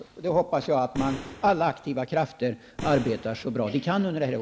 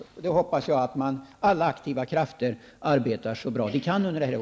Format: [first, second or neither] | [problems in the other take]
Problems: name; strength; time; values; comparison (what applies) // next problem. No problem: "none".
second | background sound (Boom); 12 dB below the speech